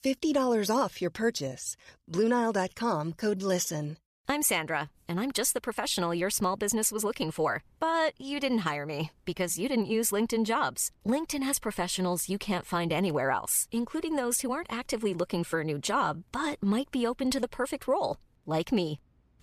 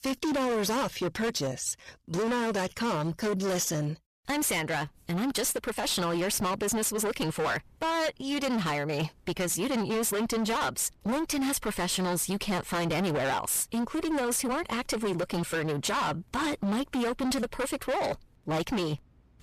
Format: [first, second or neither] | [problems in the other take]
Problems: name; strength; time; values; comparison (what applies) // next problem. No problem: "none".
first | distortion; heavy; 29% of the sound clipped